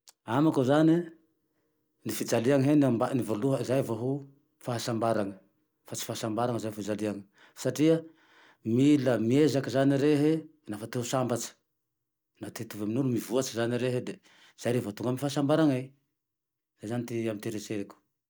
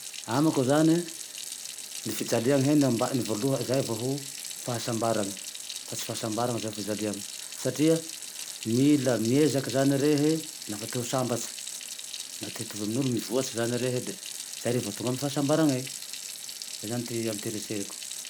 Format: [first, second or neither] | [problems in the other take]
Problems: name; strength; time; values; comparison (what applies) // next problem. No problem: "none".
first | background sound (Sink (filling or washing) / Water tap, faucet); 10 dB below the speech